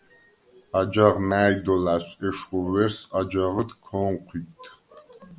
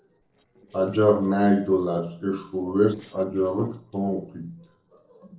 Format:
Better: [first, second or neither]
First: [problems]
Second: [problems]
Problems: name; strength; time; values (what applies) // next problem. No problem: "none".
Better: first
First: none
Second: noise reduction (neural separator model SepFormer DNS4)